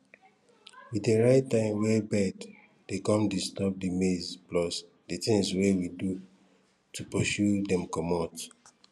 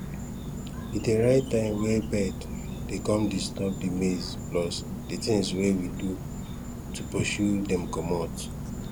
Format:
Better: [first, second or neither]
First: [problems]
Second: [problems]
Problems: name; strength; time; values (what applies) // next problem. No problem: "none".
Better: first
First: none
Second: background sound (Insect); 7 dB below the speech